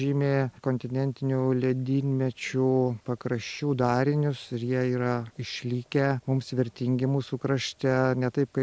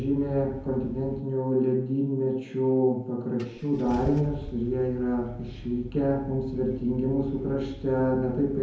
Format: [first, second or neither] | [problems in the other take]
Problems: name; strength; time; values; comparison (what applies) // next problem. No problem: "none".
first | background sound (Engine starting / Car); 15 dB below the speech // room echo; dies away in 0.9 s